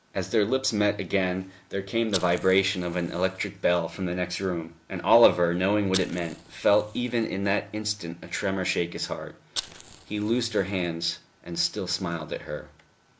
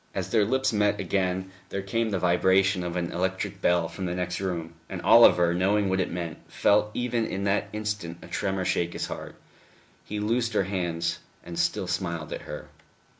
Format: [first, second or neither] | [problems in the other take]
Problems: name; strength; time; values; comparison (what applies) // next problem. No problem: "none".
second | background sound (Fire); 13 dB below the speech